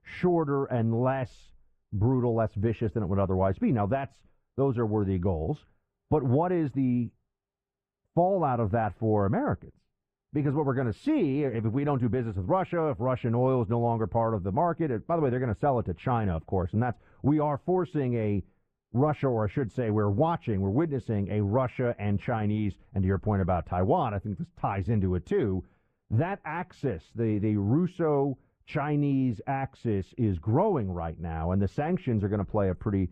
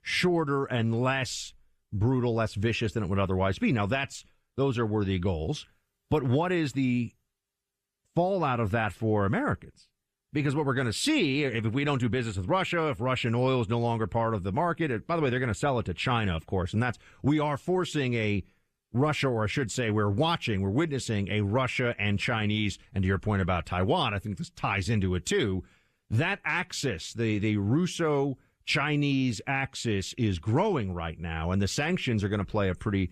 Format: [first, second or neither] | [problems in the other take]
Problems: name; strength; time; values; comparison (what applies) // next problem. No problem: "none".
second | muffled; very; fading above 2 kHz